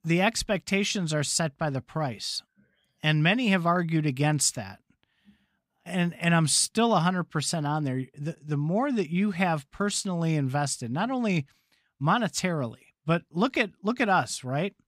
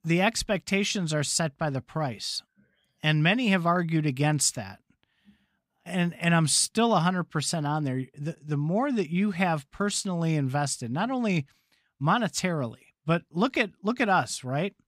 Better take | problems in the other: neither | none

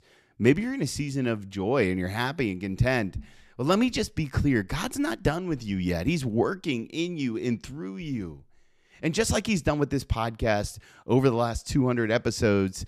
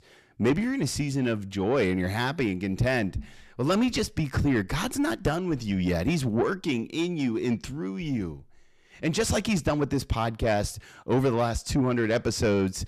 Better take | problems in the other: first | distortion; slight; 10 dB below the speech

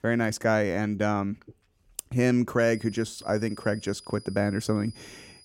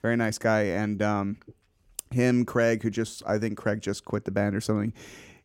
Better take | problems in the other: second | high-pitched whine; faint; from 2.5 s on; 5 kHz, 20 dB below the speech

